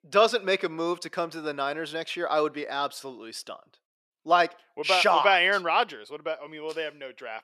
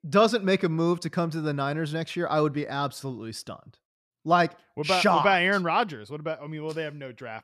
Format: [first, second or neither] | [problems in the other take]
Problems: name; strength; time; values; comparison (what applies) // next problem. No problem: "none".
second | thin; somewhat; fading below 450 Hz